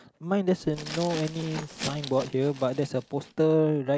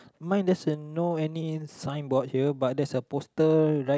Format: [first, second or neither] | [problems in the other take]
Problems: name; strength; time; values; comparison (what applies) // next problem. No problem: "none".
second | background sound (Glass); 14 dB below the speech